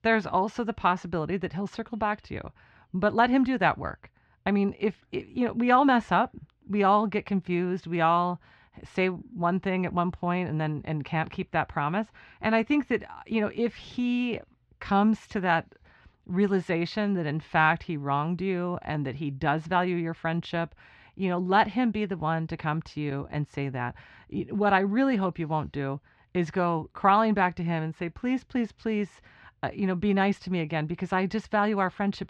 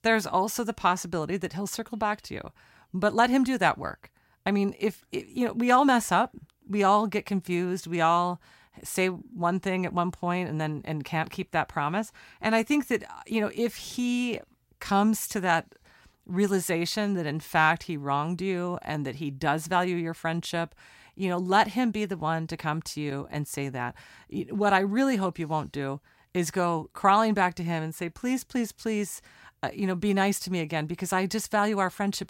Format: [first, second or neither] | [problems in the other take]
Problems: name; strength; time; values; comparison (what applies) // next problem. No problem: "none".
second | muffled; slightly; fading above 3.5 kHz